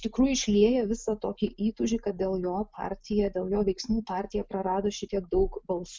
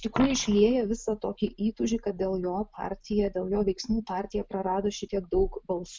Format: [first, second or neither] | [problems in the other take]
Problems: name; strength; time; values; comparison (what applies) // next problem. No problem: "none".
first | background sound (Coin (dropping)); 18 dB below the speech